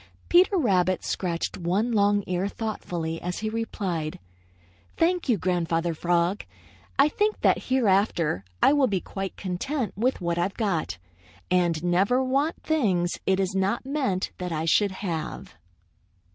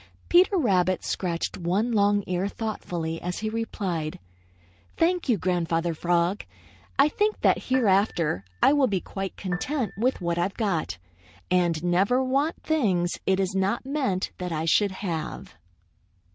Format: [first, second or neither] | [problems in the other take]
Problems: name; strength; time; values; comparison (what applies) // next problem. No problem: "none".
first | background sound (Piano); 18 dB below the speech